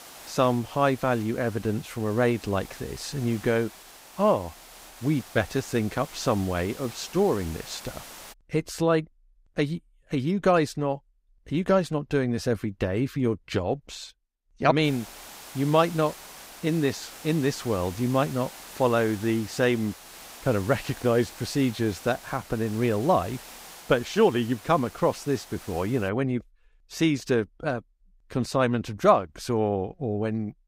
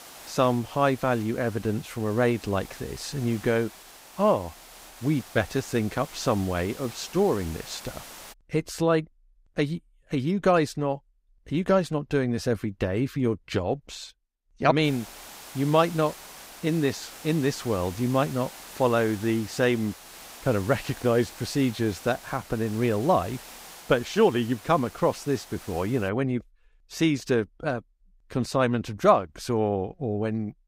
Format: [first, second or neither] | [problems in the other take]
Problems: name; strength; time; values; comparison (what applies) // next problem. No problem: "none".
neither | hiss; noticeable; until 8.5 s and from 15 to 26 s; 15 dB below the speech; the same in both